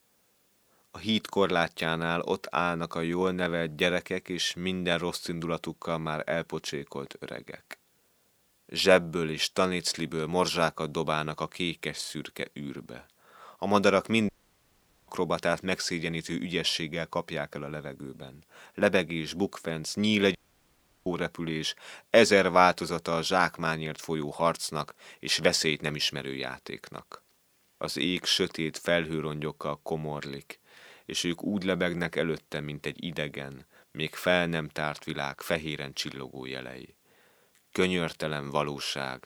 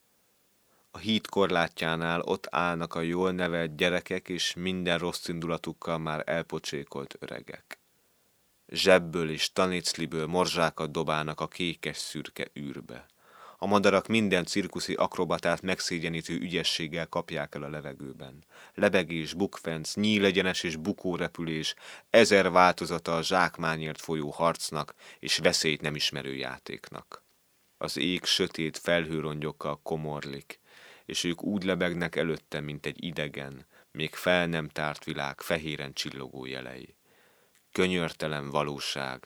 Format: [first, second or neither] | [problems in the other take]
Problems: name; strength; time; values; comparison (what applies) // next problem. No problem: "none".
second | audio cutting out; at 14 s for 1 s and at 20 s for 0.5 s